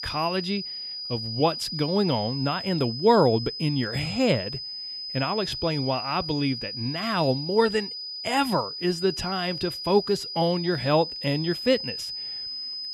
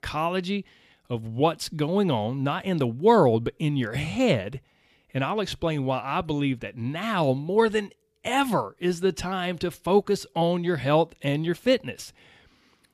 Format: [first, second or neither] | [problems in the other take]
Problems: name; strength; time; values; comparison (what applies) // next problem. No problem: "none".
second | high-pitched whine; loud; throughout; 5 kHz, 6 dB below the speech